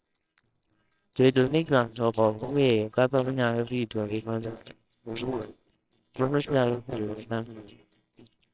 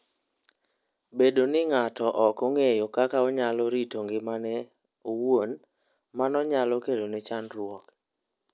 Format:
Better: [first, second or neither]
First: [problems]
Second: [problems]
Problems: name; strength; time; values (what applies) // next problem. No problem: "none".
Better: second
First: noise reduction (neural separator model SepFormer WHAMR!)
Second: none